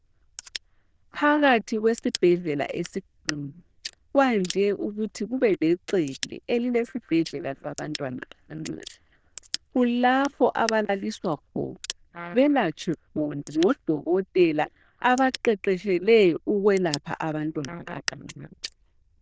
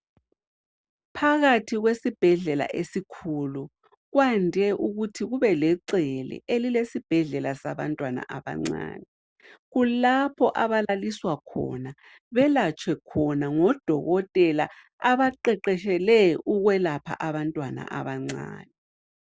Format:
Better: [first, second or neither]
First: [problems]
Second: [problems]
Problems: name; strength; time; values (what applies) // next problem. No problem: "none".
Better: second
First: noise reduction (neural diffusion model UNIVERSE++)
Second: none